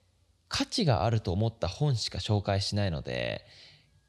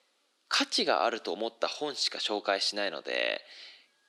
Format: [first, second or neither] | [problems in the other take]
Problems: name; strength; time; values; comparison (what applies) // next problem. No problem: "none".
first | thin; very; fading below 250 Hz